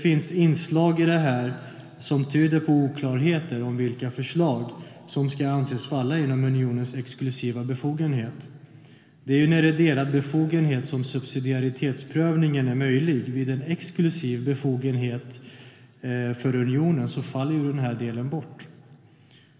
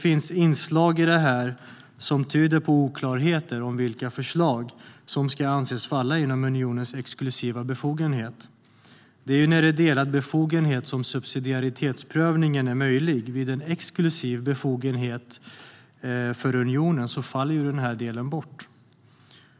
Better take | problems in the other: second | room echo; dies away in 2.1 s

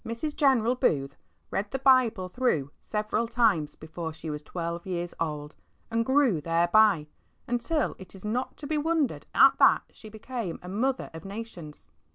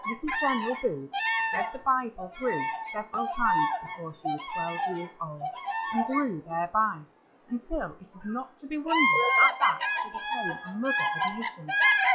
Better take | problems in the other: first | noise reduction (classical method log-MMSE)

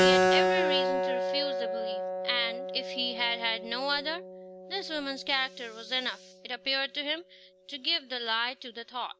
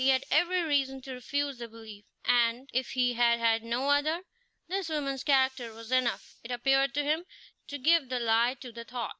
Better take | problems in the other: second | background sound (Keyboard (musical)); 2 dB above the speech

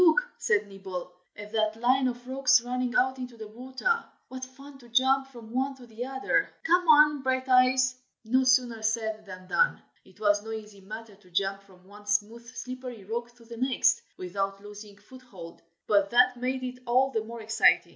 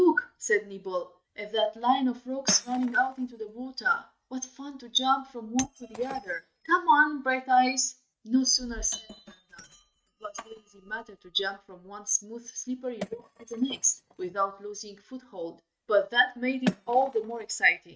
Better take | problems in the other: first | noise reduction (neural mask model RNNoise)

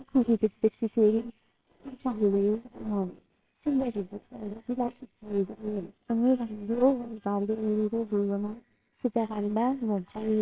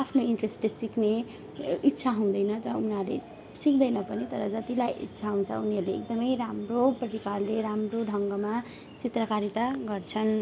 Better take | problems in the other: second | noise reduction (neural separator model SepFormer WHAMR!)

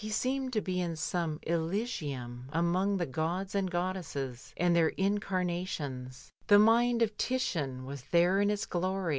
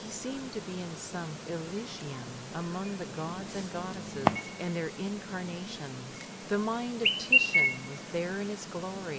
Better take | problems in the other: first | background sound (Chirp, tweet); 2 dB above the speech

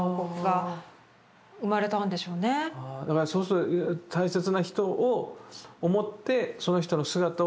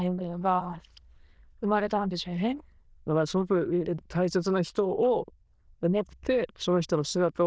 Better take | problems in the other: first | noise reduction (neural diffusion model UNIVERSE++)

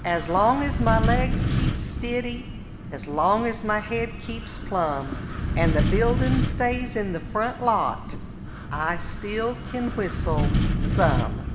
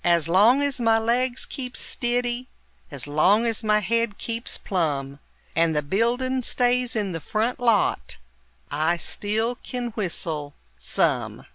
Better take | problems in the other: second | background sound (Wind); as loud as the speech // room echo; dies away in 1.3 s

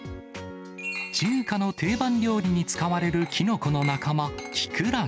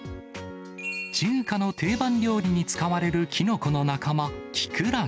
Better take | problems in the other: second | background sound (Glass); 18 dB below the speech

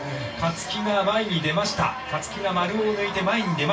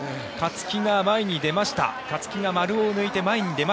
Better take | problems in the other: second | room echo; dies away in 0.2 s

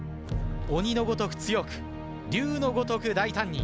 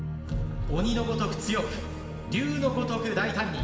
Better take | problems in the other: first | room echo; dies away in 2.3 s

